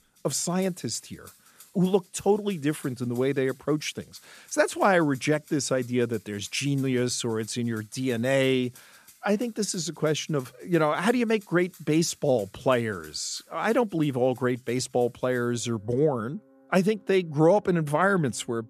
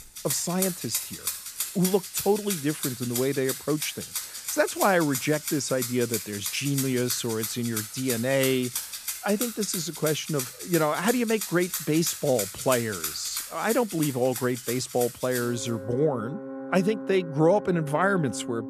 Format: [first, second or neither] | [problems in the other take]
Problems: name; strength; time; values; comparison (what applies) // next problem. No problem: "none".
first | background music; loud; throughout; 6 dB below the speech; faint in the first